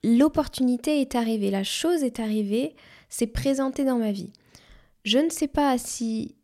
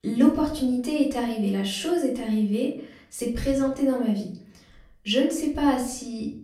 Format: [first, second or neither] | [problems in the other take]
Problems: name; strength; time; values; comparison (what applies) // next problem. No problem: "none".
first | off-mic speech; far // room echo; slight; dies away in 0.4 s